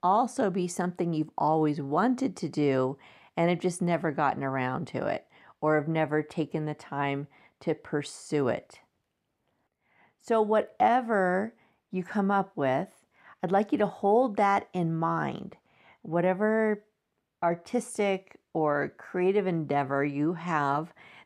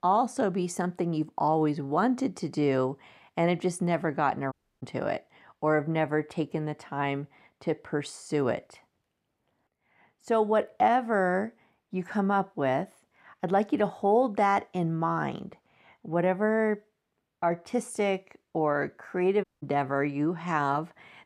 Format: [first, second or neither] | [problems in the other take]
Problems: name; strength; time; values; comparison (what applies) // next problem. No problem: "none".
first | audio cutting out; at 4.5 s and at 19 s